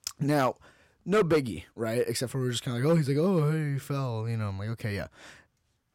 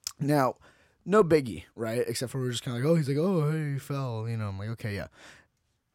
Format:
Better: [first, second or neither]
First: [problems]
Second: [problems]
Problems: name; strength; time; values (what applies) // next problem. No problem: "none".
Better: second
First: distortion; slight; 2% of the sound clipped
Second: none